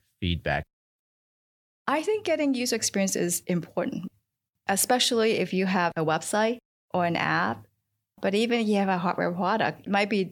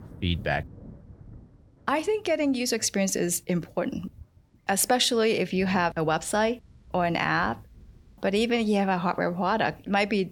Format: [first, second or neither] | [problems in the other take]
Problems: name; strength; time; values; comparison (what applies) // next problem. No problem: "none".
first | rain or running water; faint; throughout; 25 dB below the speech